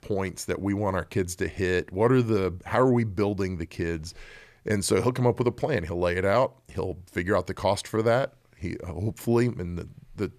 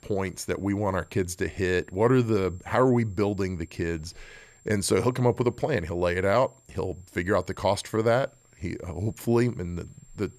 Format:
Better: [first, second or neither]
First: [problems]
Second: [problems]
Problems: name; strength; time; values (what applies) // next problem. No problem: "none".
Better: first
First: none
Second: high-pitched whine; faint; throughout; 7.5 kHz, 30 dB below the speech